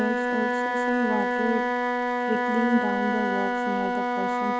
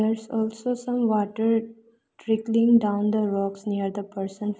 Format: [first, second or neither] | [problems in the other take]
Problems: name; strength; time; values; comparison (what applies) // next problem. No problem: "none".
second | background sound (Wind instrument, woodwind instrument); 4 dB above the speech